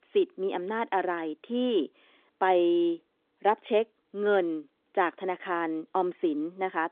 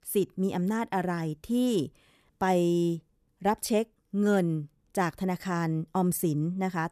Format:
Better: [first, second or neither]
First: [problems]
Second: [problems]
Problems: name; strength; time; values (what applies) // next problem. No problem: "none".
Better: second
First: phone-call audio; nothing above 3.5 kHz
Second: none